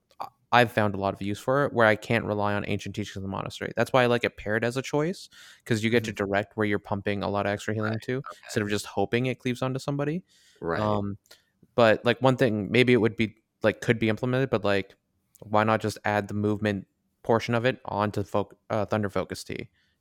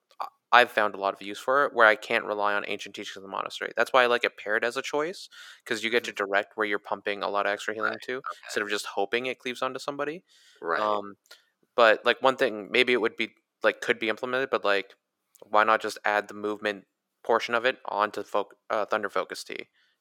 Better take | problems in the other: first | thin; somewhat; fading below 450 Hz

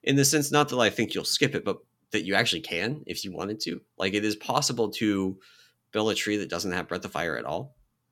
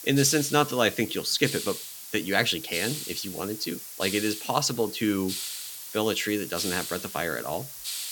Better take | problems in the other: first | hiss; loud; throughout; 7 dB below the speech

